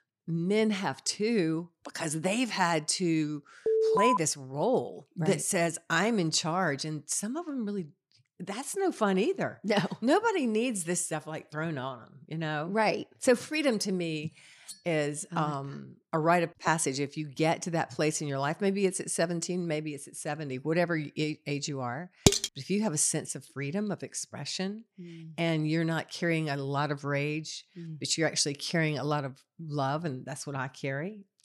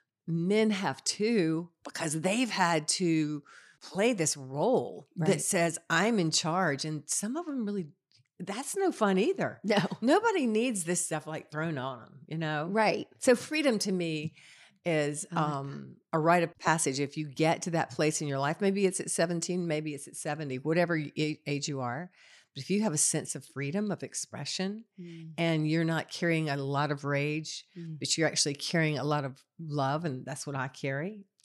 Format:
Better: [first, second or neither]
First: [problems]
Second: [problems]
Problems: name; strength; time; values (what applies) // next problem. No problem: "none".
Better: second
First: alarm; loud; at 3.5 s; peak 5 dB above the speech // clattering dishes; faint; at 15 s; peak 15 dB below the speech // clattering dishes; loud; at 22 s; peak 6 dB above the speech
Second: none